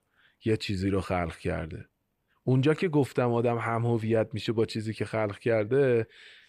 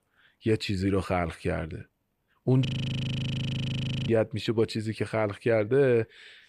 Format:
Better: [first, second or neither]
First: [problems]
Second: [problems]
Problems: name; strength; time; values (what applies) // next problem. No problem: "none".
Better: first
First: none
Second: audio freezing; at 2.5 s for 1.5 s